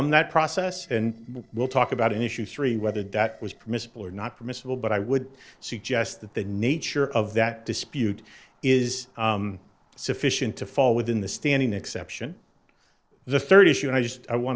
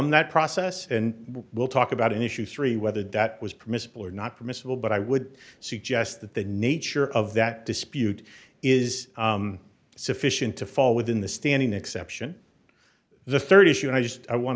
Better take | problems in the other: second | noise reduction (neural separator model SepFormer DNS4)

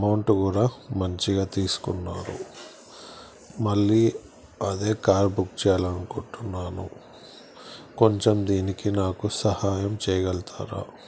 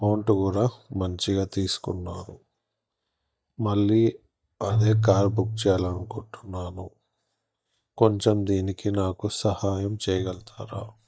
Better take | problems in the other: first | noise reduction (neural mask model DeepFilterNet 3)

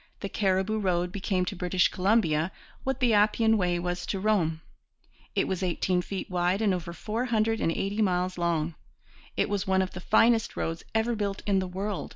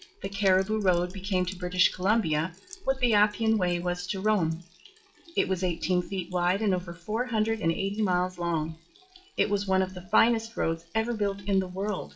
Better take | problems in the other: first | noise reduction (classical method WPE with log-MMSE)

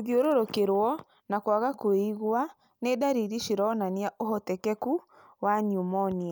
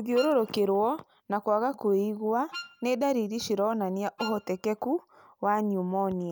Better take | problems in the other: first | background sound (Wind instrument, woodwind instrument); 16 dB below the speech

